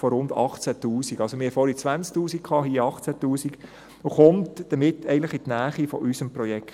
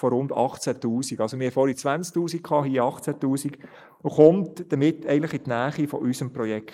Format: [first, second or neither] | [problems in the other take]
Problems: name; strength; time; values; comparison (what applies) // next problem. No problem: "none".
first | noise reduction (neural mask model Resemble Enhance denoiser)